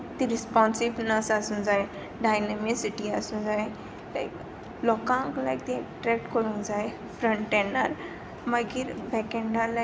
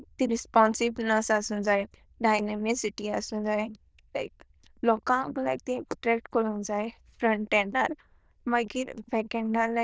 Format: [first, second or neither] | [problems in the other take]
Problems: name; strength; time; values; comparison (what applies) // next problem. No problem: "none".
first | noise reduction (neural diffusion model UNIVERSE++)